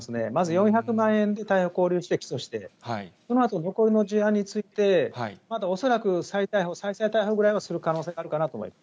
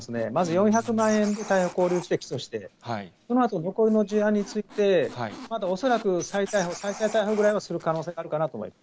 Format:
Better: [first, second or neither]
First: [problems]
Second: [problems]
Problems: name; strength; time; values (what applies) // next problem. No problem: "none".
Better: first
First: none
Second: background sound (Squeak); 18 dB below the speech